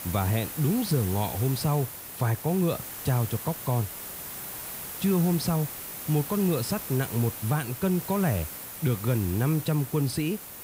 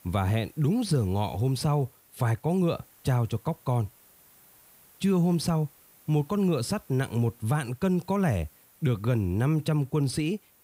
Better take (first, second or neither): second